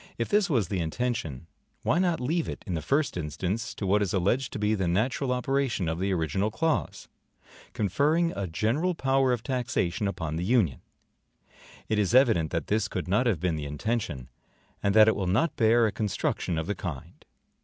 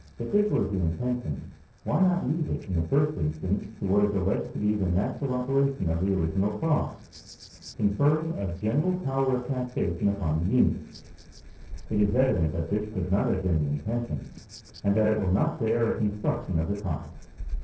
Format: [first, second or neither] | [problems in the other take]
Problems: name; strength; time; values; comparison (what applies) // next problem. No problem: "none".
first | noise reduction (neural separator model SepFormer DNS4)